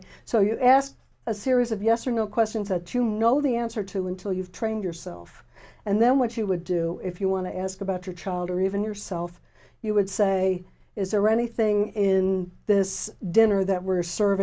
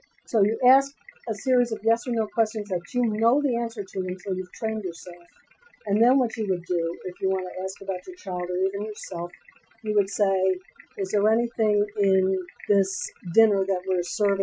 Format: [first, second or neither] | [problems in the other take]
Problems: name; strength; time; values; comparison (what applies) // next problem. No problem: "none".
first | noise reduction (classical method Wiener filter)